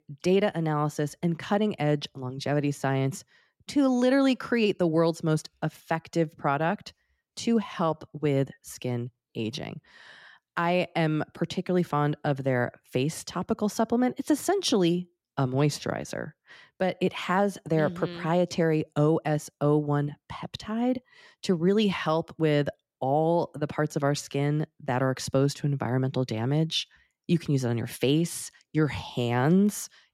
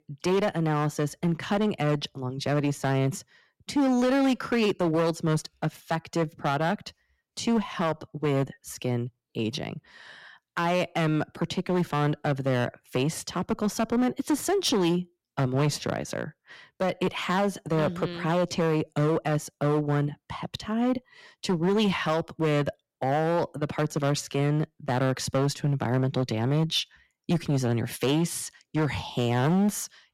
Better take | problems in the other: first | distortion; slight; 9% of the sound clipped

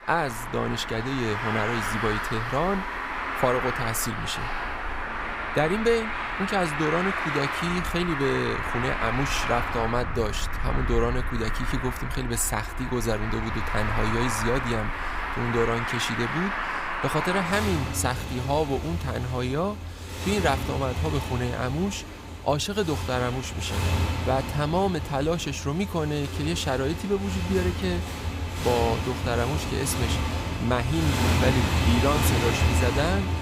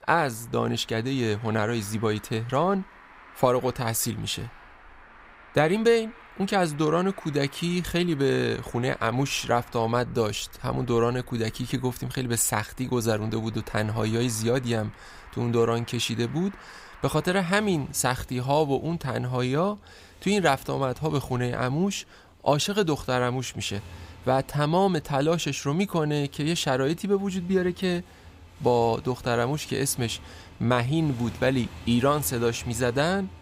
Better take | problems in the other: second | traffic noise; loud; throughout; 1 dB below the speech; faint in the second

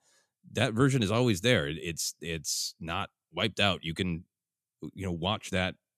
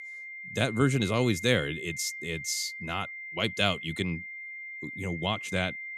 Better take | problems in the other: first | high-pitched whine; loud; throughout; 2 kHz, 9 dB below the speech

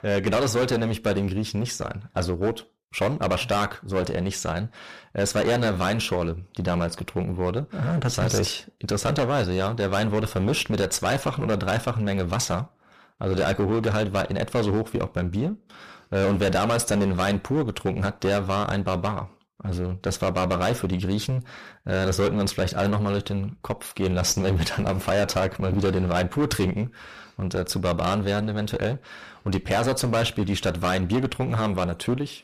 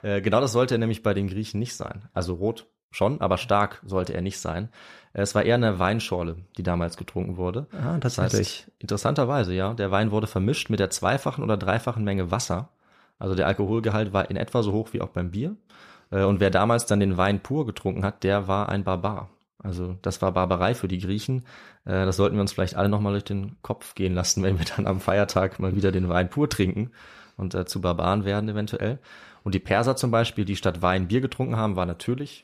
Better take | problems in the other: second | distortion; heavy; 16% of the sound clipped

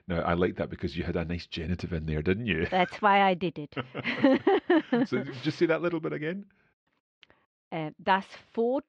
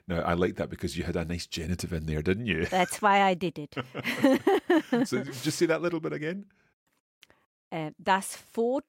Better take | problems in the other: second | muffled; slightly; fading above 4 kHz

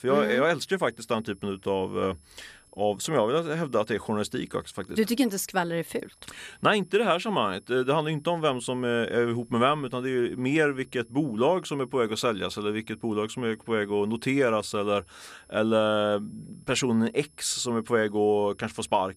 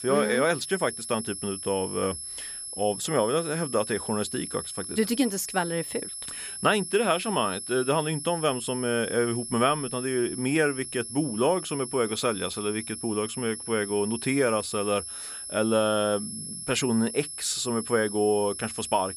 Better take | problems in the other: first | high-pitched whine; loud; throughout; 11 kHz, 7 dB below the speech; faint in the first

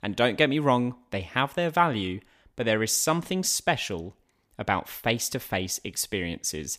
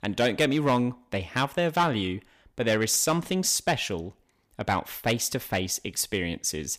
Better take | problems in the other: first | distortion; slight; 3% of the sound clipped

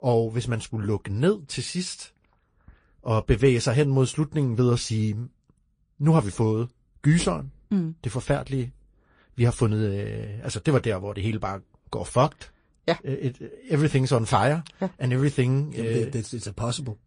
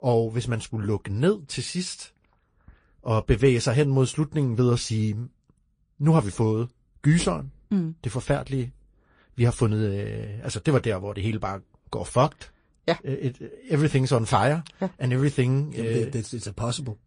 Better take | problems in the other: neither | garbled, watery; slightly; nothing above 10 kHz; the same in both

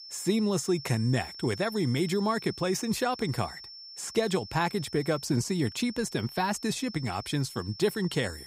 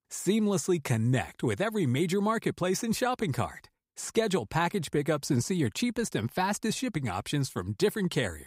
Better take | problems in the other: second | high-pitched whine; noticeable; throughout; 5.5 kHz, 15 dB below the speech

